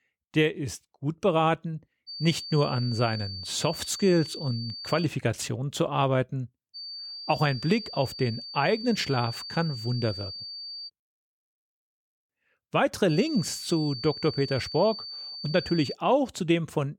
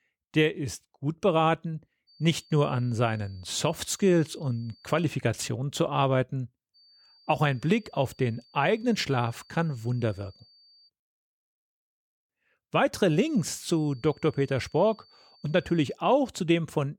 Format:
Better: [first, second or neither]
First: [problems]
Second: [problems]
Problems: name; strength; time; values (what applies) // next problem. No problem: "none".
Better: second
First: high-pitched whine; loud; from 2 to 5 s, from 7 to 11 s and from 13 to 16 s; 4.5 kHz, 9 dB below the speech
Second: high-pitched whine; faint; from 2 to 5 s, from 7 to 11 s and from 13 to 16 s; 4.5 kHz, 30 dB below the speech